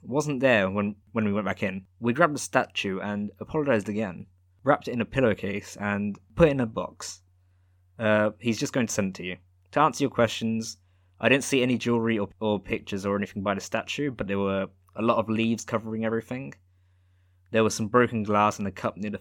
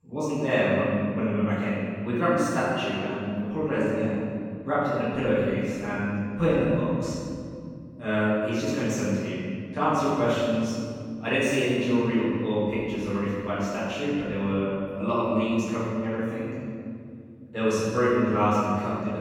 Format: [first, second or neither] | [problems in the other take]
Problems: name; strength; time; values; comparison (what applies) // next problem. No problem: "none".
first | off-mic speech; far // room echo; strong; dies away in 2.7 s